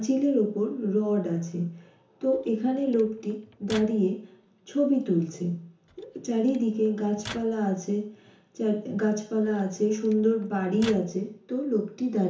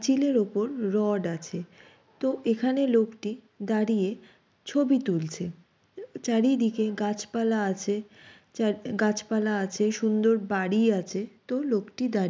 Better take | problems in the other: second | background sound (Microwave oven); 20 dB below the speech // room echo; dies away in 0.7 s

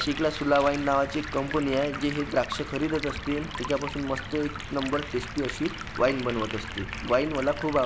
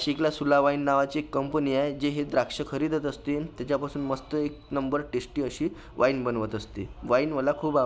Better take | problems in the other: second | background sound (Applause / Clapping + Stream); 9 dB below the speech

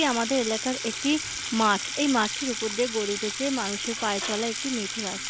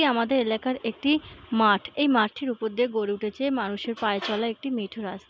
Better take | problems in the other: second | background sound (Sink (filling or washing) / Water tap, faucet); 5 dB below the speech

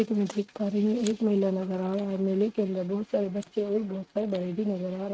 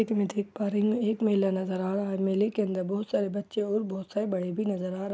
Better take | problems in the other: second | noise reduction (neural mask model RNNoise)

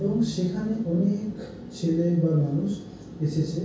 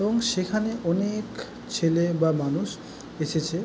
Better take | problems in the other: second | background sound (Keyboard (musical)); 16 dB below the speech // room echo; dies away in 0.6 s

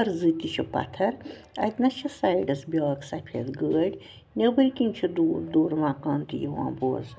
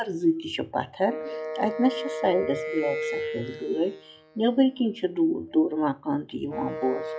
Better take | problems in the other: first | noise reduction (classical method log-MMSE)

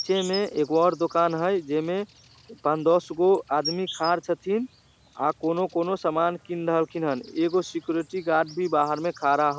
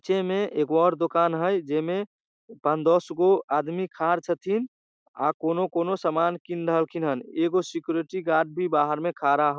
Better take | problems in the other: second | background sound (Insect); 18 dB below the speech

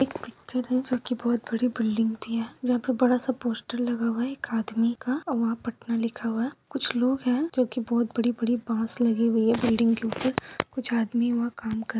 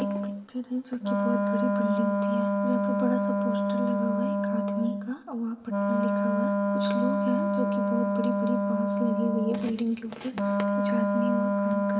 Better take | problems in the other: first | background sound (Wind instrument, woodwind instrument); 5 dB above the speech // room echo; dies away in 1.8 s

